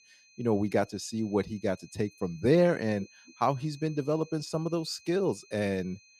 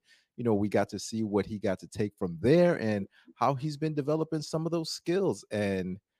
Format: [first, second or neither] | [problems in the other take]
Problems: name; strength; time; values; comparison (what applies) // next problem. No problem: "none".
second | high-pitched whine; faint; throughout; 2.5 kHz, 25 dB below the speech